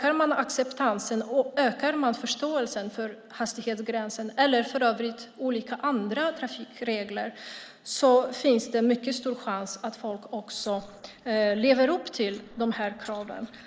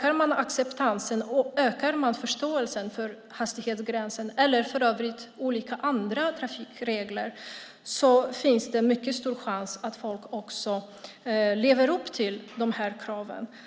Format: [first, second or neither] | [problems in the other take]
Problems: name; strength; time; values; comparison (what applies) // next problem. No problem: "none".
second | noise reduction (neural mask model Resemble Enhance denoiser)